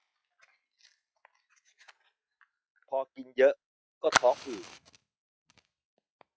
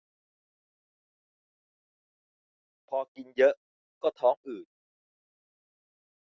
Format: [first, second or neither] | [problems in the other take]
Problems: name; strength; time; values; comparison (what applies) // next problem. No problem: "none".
second | noise reduction (classical method log-MMSE)